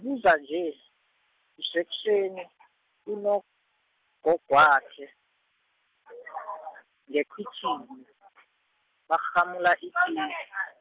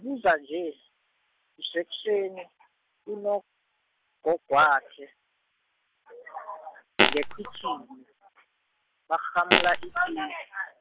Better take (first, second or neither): first